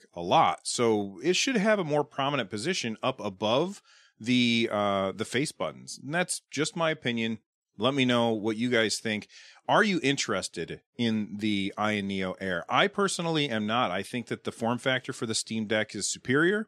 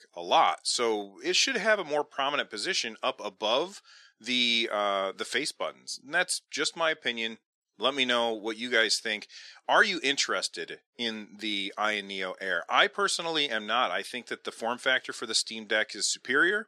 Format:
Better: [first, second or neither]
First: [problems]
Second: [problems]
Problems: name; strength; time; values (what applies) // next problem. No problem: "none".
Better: first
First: none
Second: thin; somewhat; fading below 400 Hz